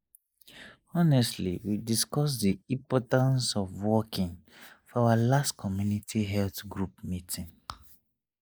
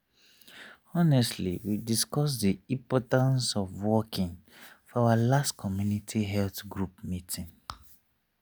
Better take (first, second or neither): second